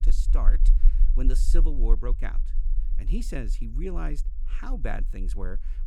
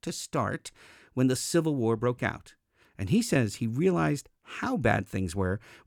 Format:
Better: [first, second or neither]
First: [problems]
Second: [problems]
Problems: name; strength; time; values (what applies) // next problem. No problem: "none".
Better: second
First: low rumble; noticeable; throughout; 15 dB below the speech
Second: none